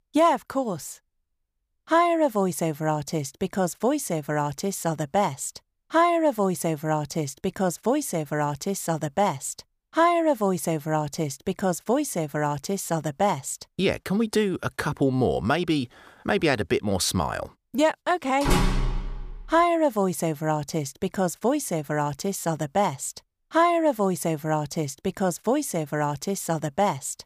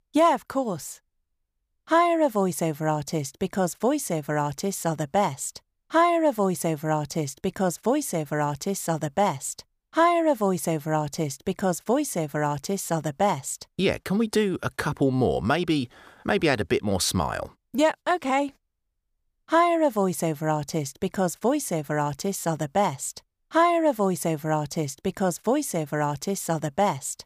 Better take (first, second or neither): second